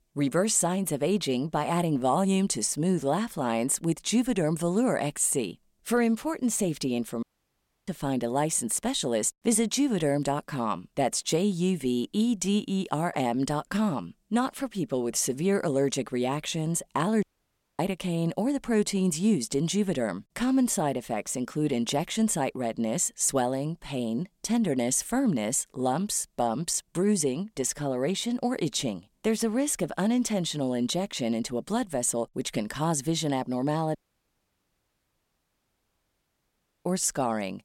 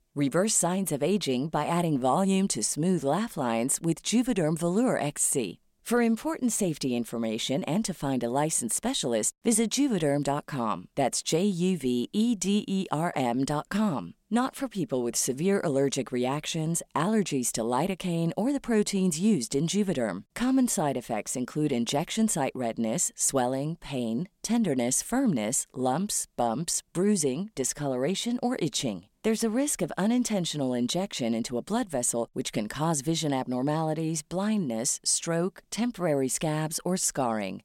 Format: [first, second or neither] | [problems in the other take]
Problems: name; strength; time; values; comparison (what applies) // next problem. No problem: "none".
second | audio cutting out; at 7 s for 0.5 s, at 17 s for 0.5 s and at 34 s for 3 s